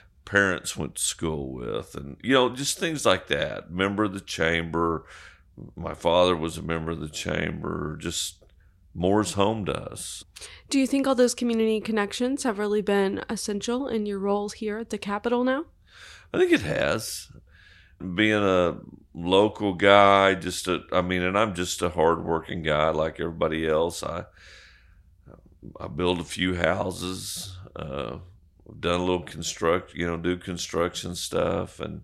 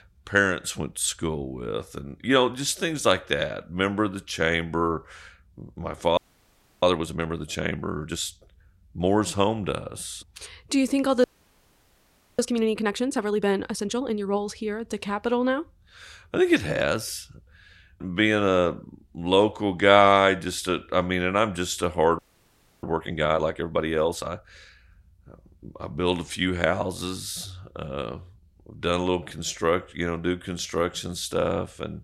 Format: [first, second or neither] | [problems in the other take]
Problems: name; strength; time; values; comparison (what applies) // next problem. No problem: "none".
first | audio freezing; at 6 s for 0.5 s, at 11 s for 1 s and at 22 s for 0.5 s